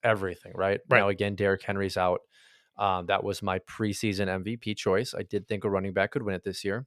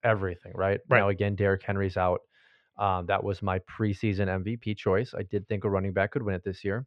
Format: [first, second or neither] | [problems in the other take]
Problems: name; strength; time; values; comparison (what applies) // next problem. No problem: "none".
first | muffled; slightly; fading above 2.5 kHz